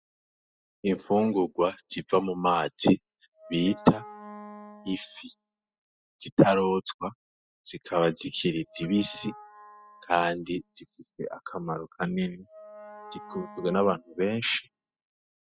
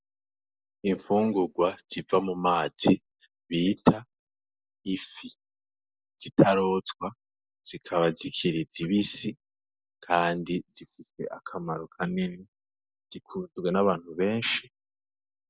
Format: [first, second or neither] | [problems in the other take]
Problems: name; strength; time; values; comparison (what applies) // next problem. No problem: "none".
second | noise reduction (classical method spectral subtraction)